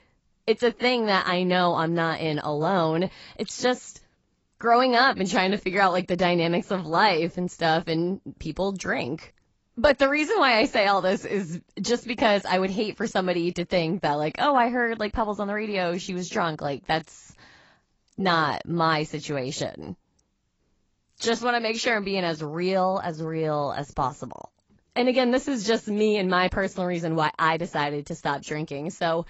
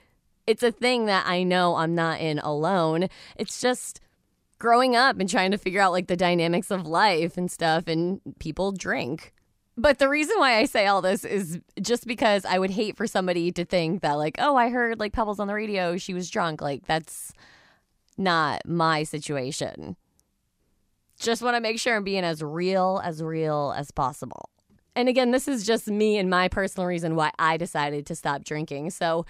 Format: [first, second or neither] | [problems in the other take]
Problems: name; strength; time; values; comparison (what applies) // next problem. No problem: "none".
second | garbled, watery; badly; nothing above 7.5 kHz